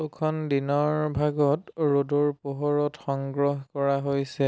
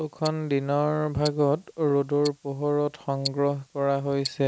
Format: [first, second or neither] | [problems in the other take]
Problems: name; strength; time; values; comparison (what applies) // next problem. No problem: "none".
first | noise reduction (neural mask model Resemble Enhance denoiser)